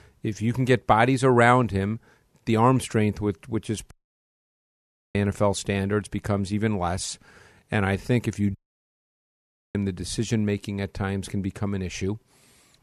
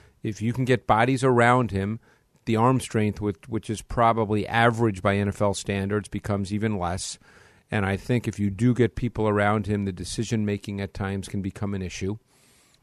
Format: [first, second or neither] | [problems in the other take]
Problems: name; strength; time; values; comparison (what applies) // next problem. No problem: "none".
second | audio cutting out; at 4 s for 1 s and at 8.5 s for 1 s